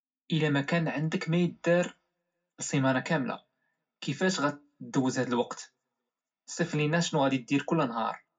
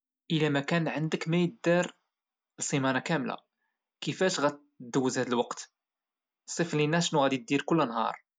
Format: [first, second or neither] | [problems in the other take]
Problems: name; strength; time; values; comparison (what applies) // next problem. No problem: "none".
second | room echo; dies away in 0.4 s